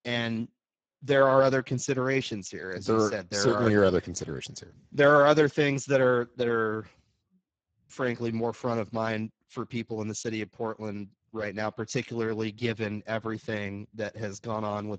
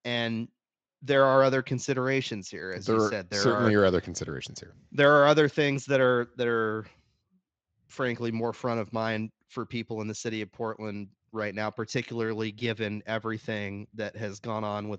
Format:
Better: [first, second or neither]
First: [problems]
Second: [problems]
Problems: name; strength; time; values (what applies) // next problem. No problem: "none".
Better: second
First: garbled, watery; badly; nothing above 7.5 kHz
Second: garbled, watery; slightly; nothing above 7.5 kHz